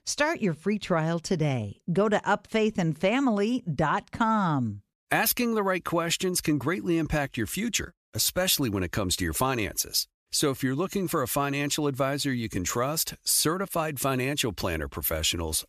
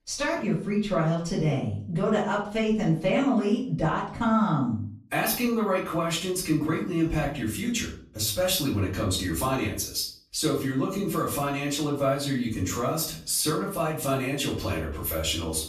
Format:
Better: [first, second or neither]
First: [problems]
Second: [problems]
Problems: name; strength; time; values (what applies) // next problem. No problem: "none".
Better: first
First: none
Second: off-mic speech; far // room echo; slight; dies away in 0.4 s